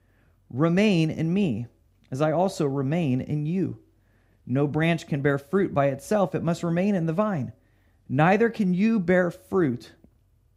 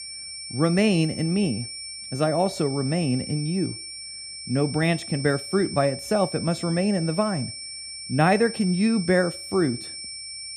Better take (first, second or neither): first